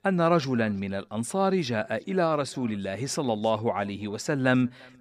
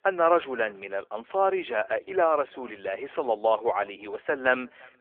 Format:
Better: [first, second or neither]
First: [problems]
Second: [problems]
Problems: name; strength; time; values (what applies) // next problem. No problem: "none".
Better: first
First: none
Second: phone-call audio